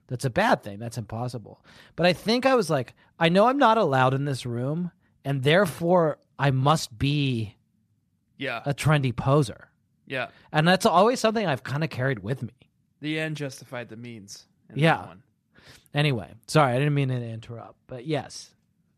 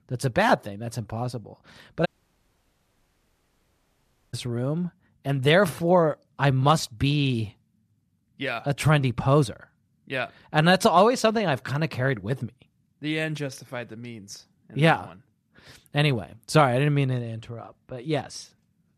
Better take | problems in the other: first | audio cutting out; at 2 s for 2.5 s

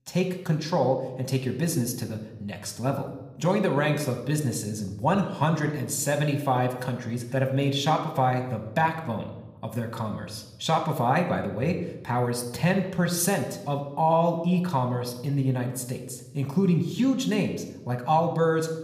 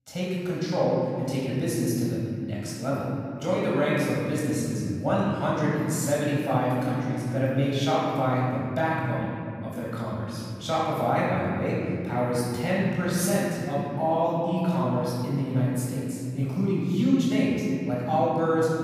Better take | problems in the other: first | room echo; strong; dies away in 3 s; slight in the first // off-mic speech; far

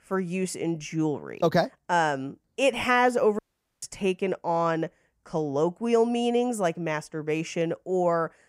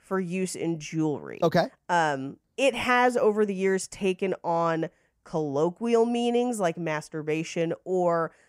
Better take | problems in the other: second | audio cutting out; at 3.5 s

